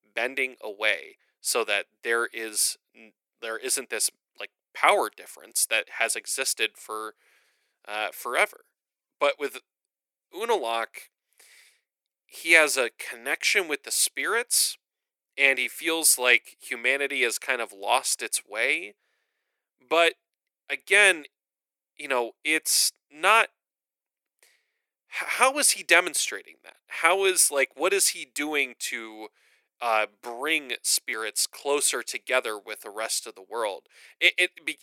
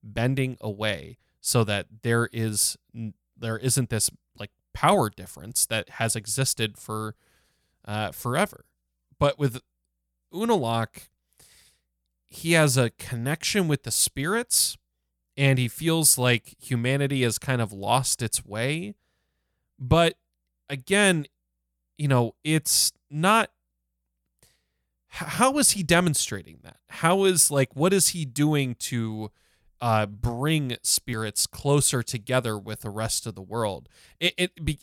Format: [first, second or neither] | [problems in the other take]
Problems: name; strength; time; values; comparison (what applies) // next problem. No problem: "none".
second | thin; very; fading below 350 Hz